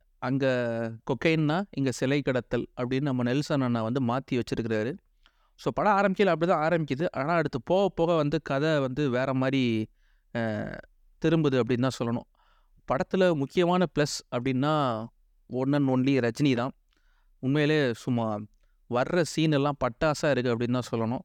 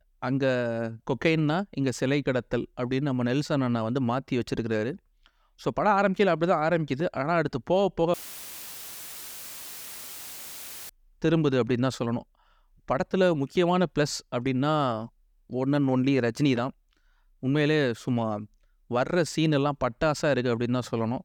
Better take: first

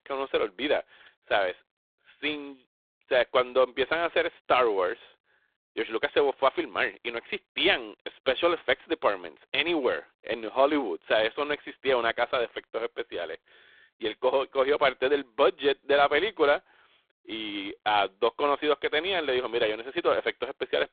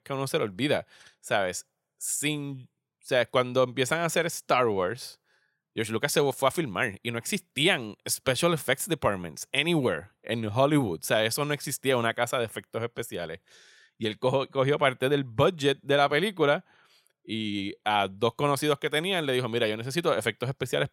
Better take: second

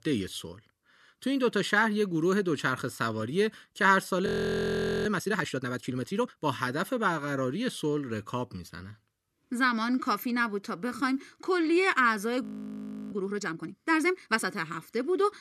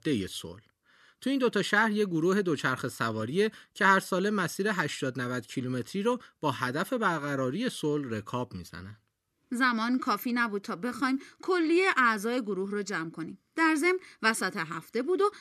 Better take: second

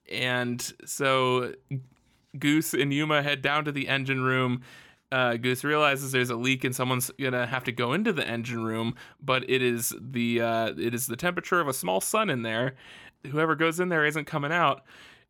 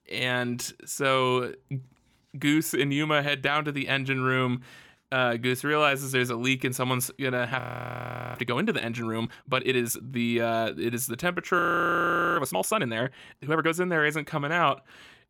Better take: first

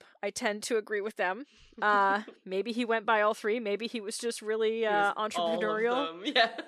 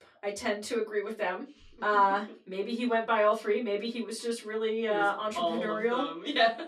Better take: first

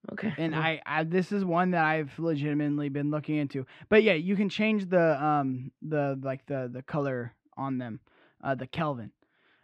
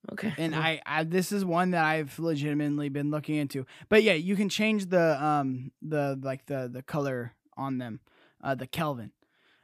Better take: second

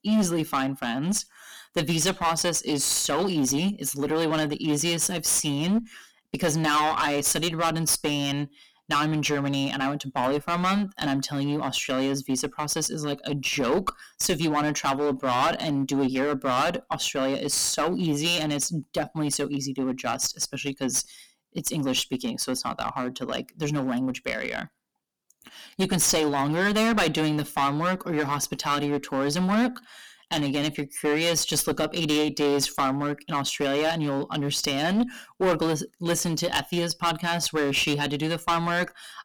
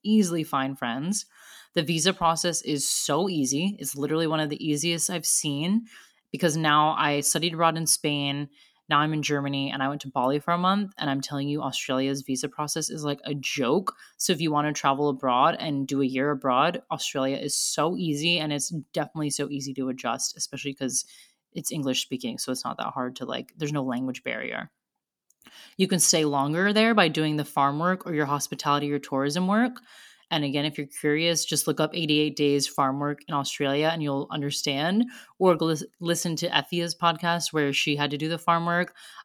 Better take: second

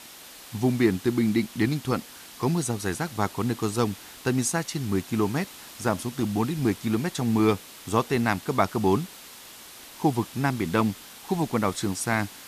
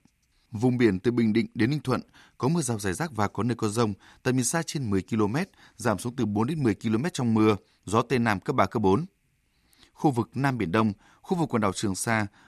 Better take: second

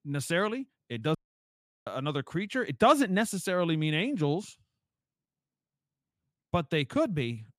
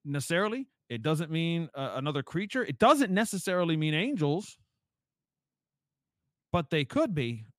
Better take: second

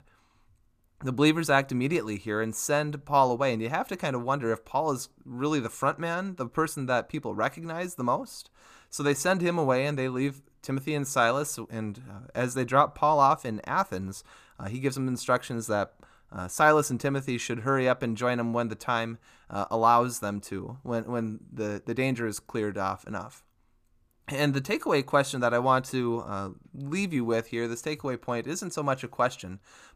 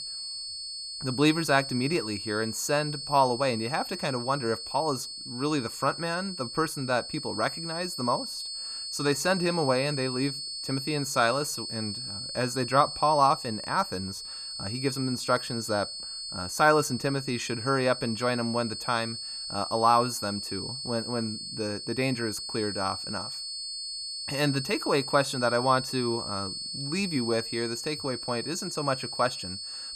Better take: first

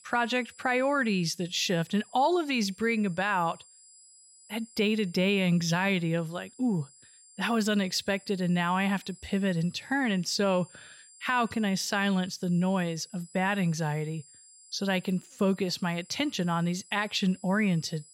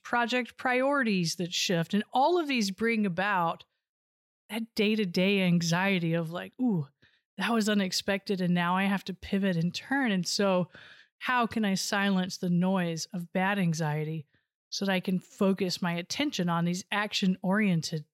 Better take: second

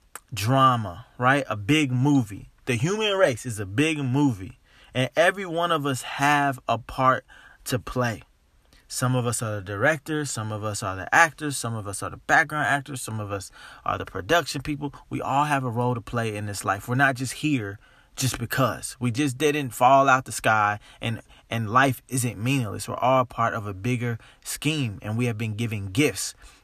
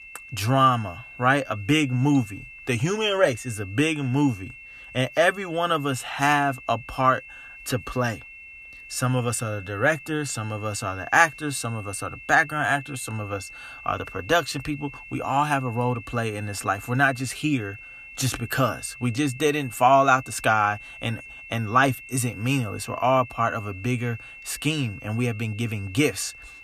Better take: first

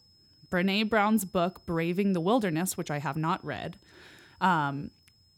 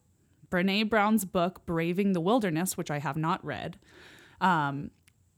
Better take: second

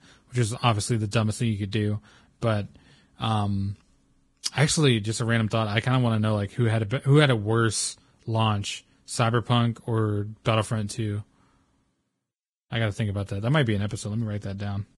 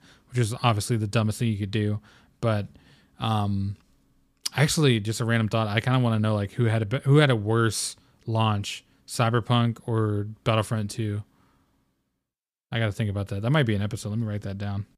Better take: second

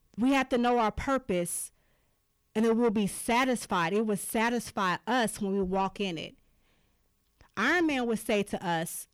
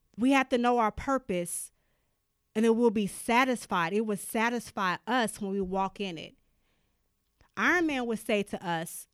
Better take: second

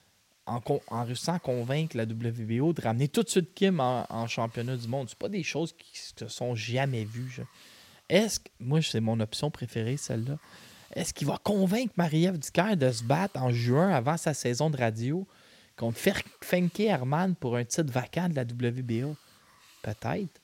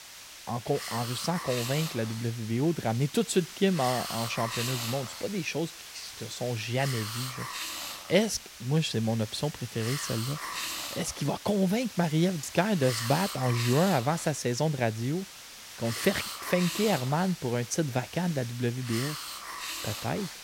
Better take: first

